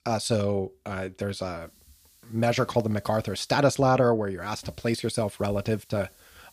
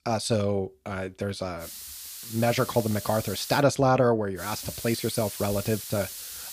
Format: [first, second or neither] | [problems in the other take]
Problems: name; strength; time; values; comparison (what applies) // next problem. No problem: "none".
first | hiss; loud; from 1.5 to 3.5 s and from 4.5 s on; 10 dB below the speech; faint in the first